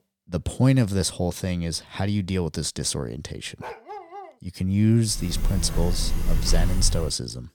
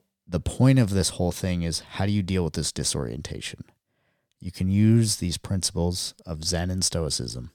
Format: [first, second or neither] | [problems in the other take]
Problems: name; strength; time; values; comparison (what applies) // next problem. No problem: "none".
second | dog barking; faint; at 3.5 s; peak 10 dB below the speech // door banging; noticeable; from 5 s on; peak 1 dB below the speech